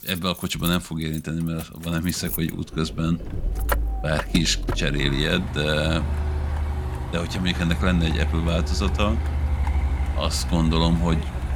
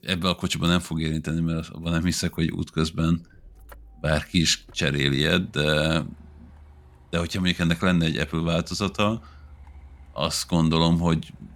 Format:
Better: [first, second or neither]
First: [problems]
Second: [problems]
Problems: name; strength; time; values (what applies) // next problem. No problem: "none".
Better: second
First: traffic noise; loud; throughout; 3 dB below the speech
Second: traffic noise; faint; throughout; 25 dB below the speech